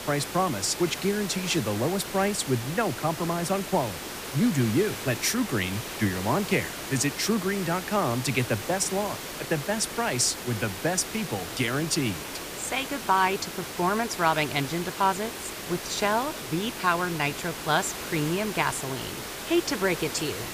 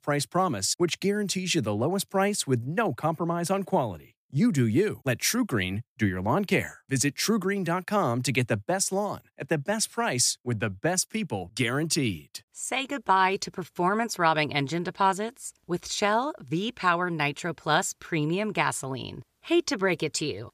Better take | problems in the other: second | hiss; loud; throughout; 7 dB below the speech

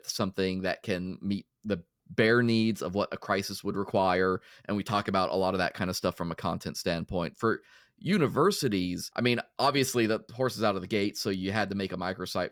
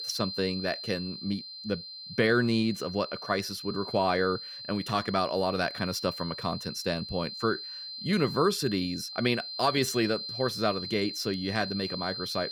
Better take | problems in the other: first | high-pitched whine; loud; throughout; 4 kHz, 7 dB below the speech

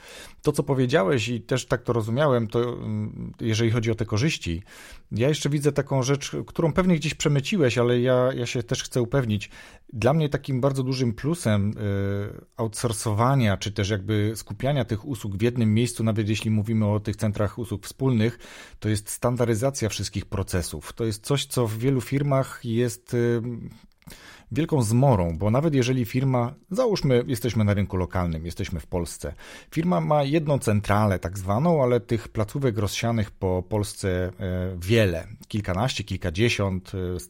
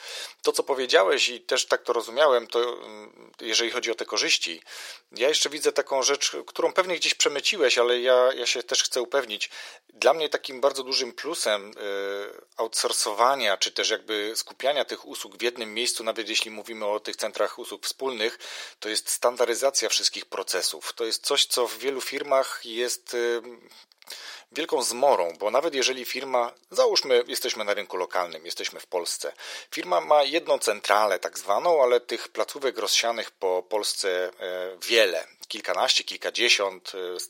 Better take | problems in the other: first | thin; very; fading below 450 Hz

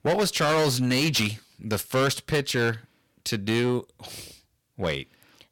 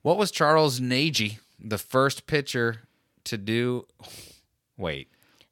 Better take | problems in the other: second | distortion; heavy; 12% of the sound clipped

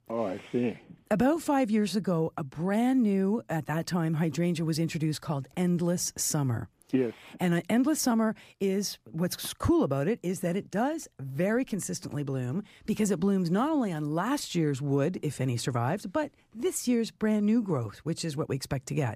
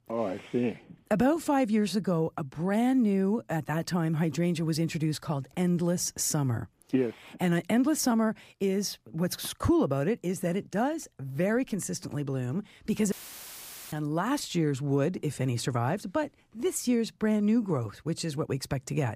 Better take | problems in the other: first | audio cutting out; filled with static; at 13 s for 1 s

